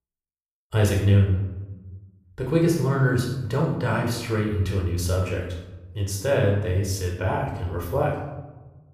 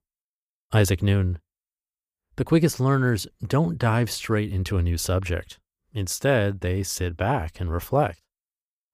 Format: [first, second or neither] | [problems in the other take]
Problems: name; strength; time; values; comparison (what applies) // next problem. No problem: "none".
second | off-mic speech; somewhat distant // room echo; noticeable; dies away in 0.8 s